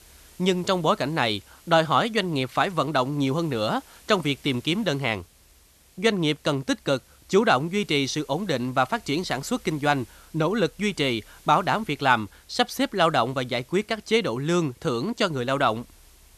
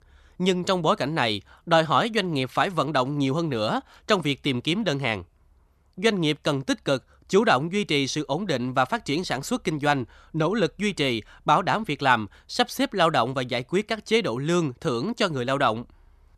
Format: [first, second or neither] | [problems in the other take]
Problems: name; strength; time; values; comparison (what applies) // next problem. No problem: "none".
second | hiss; faint; throughout; 30 dB below the speech